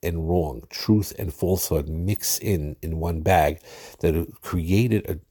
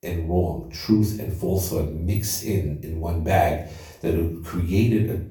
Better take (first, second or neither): first